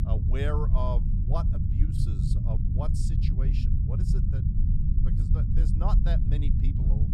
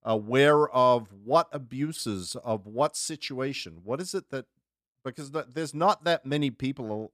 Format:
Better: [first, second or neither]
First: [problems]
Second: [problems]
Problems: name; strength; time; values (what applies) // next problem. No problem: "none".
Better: second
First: low rumble; loud; throughout; 2 dB below the speech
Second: none